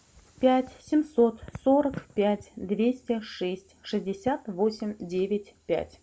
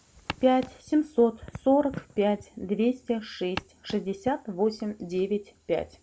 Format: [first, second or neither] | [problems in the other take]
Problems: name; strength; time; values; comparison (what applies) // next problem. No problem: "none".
first | background sound (Walk, footsteps); 11 dB below the speech